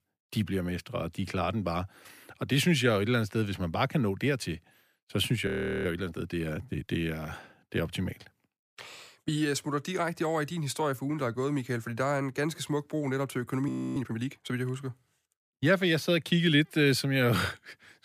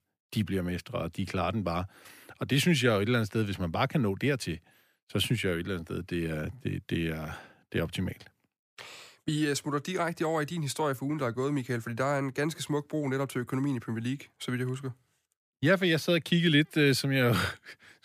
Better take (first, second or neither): second